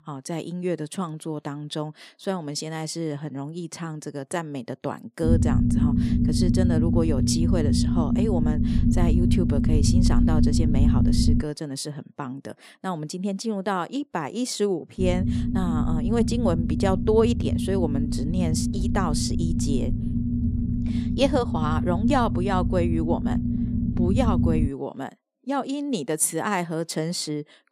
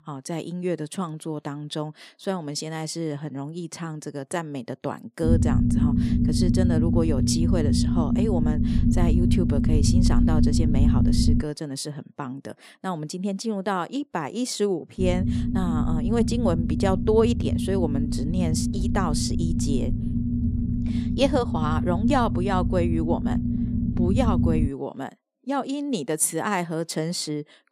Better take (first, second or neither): neither